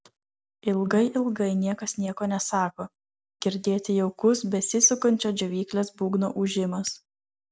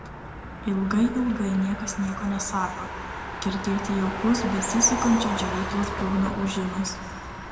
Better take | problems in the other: first | background sound (Motor vehicle (road)); 6 dB below the speech // room echo; dies away in 1.4 s

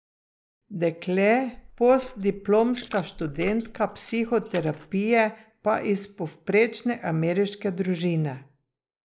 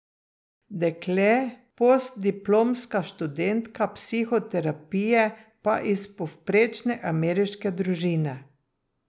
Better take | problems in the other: second | noise reduction (neural mask model Resemble Enhance denoiser)

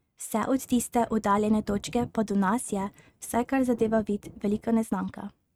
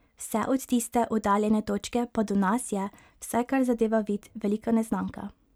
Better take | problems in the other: second | noise reduction (neural mask model RNNoise)

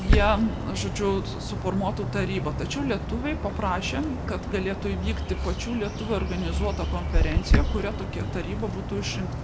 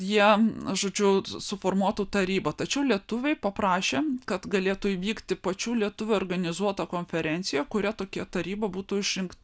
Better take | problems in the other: second | background sound (Bird); 2 dB above the speech // room echo; dies away in 0.9 s

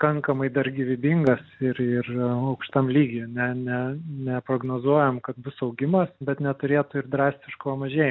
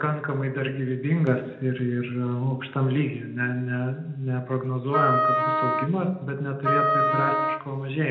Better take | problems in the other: first | background sound (Wind instrument, woodwind instrument); 2 dB above the speech // room echo; dies away in 0.8 s

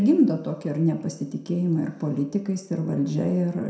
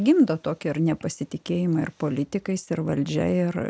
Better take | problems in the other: second | room echo; dies away in 0.6 s

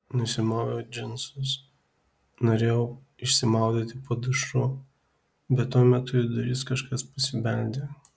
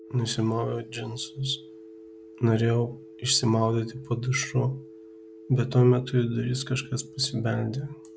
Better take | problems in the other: first | background sound (Telephone); 19 dB below the speech

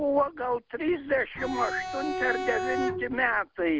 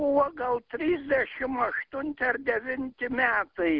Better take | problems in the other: second | background sound (Bowed string instrument); 4 dB below the speech

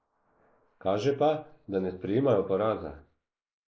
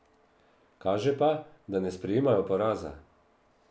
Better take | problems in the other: second | noise reduction (neural mask model Resemble Enhance denoiser)

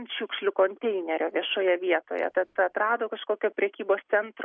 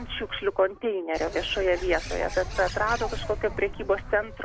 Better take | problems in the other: first | background sound (Bird); 9 dB below the speech

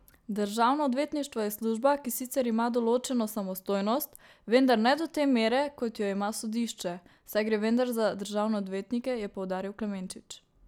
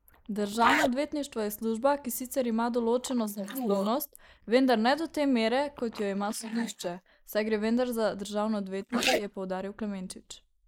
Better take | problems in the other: first | noise reduction (neural mask model Resemble Enhance denoiser)

